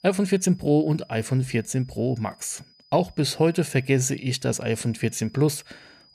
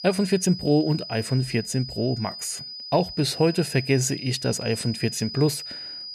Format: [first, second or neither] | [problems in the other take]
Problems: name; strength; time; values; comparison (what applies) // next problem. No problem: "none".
first | high-pitched whine; loud; throughout; 5 kHz, 10 dB below the speech; faint in the first